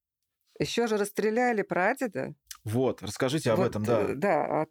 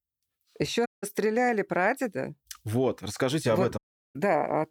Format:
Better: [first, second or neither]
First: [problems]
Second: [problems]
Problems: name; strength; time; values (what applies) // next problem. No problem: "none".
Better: first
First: none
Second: audio cutting out; at 1 s and at 4 s